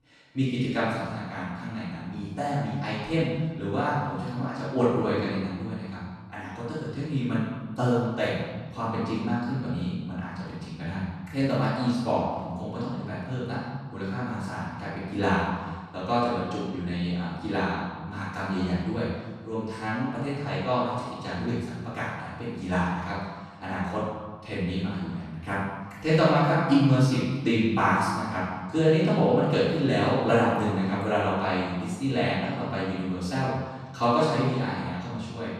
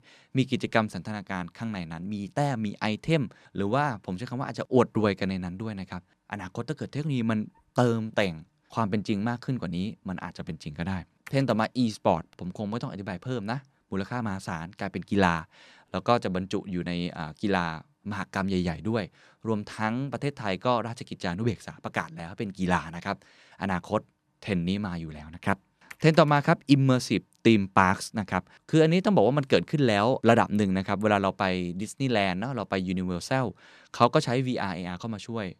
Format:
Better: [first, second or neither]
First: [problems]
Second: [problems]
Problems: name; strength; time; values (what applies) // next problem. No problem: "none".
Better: second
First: off-mic speech; far // room echo; strong; dies away in 1.2 s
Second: none